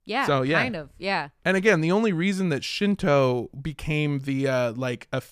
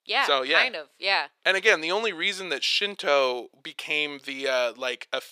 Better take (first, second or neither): first